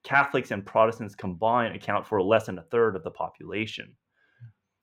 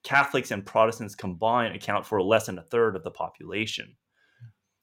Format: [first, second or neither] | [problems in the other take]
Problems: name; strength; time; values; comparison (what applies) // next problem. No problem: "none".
second | muffled; slightly; fading above 3.5 kHz